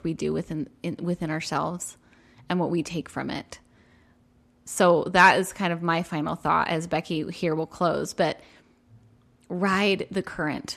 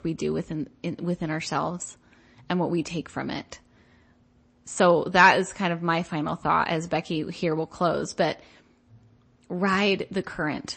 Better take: first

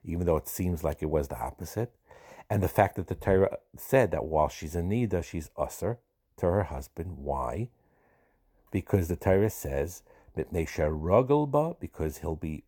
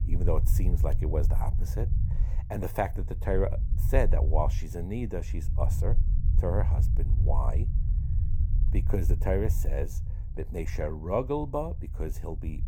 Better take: first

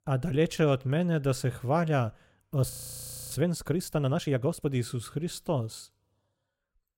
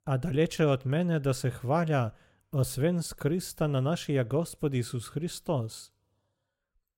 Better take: second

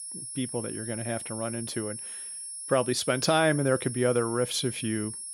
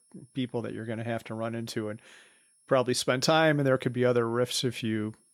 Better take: second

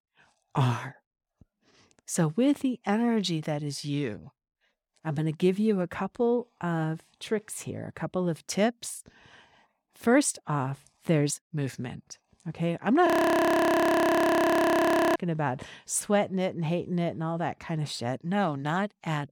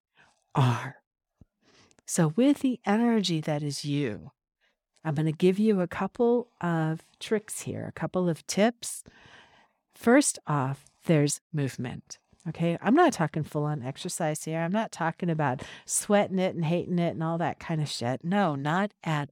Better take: second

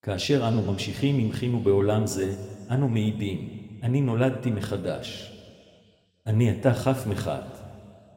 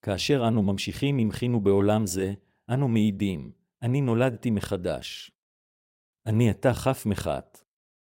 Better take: second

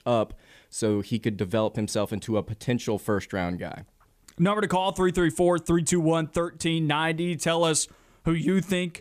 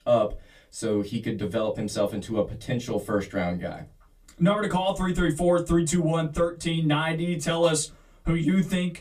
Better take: first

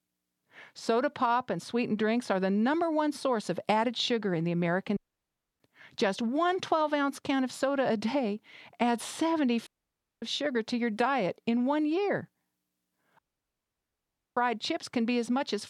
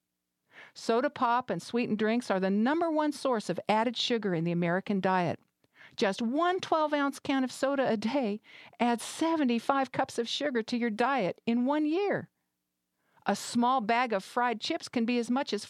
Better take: second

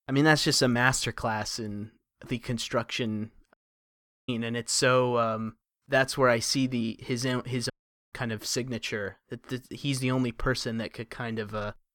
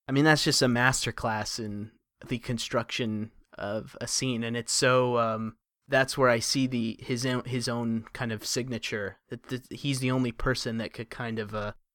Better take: second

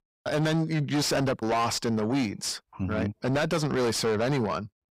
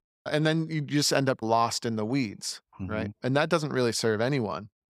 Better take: second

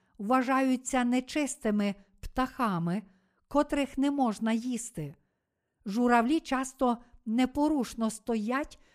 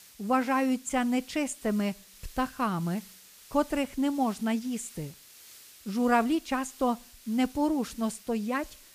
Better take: first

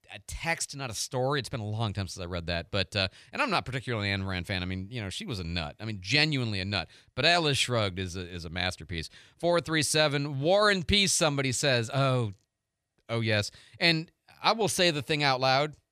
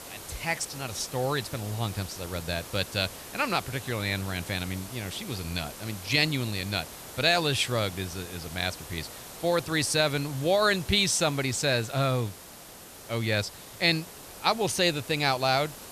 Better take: first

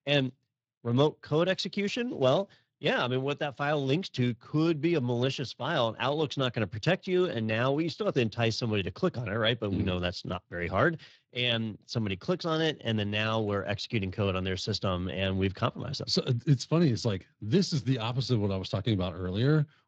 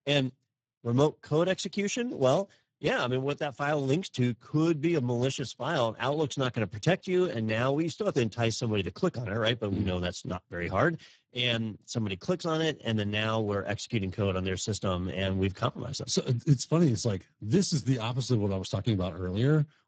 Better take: first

